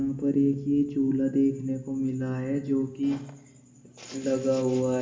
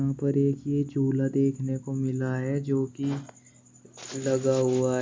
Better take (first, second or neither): second